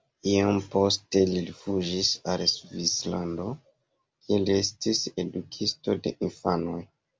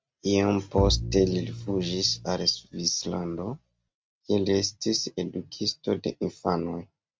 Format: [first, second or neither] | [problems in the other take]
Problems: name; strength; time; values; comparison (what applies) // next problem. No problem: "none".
first | noise reduction (neural mask model RNNoise)